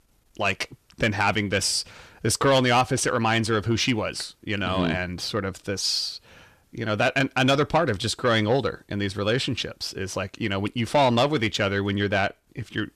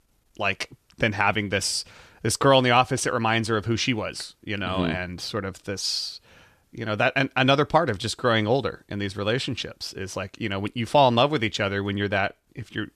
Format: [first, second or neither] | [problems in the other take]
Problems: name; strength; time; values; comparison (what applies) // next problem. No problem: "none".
second | distortion; slight; 10 dB below the speech